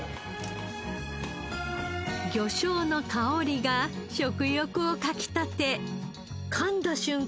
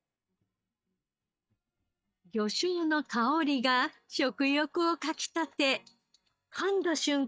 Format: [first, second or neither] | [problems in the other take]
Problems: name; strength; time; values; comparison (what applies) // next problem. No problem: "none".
first | noise reduction (neural mask model DeepFilterNet 3)